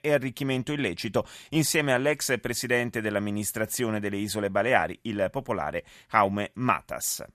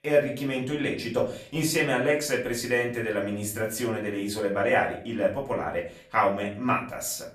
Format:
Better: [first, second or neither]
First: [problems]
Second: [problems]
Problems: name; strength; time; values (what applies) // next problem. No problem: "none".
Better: first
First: none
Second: room echo; slight; dies away in 0.4 s // off-mic speech; far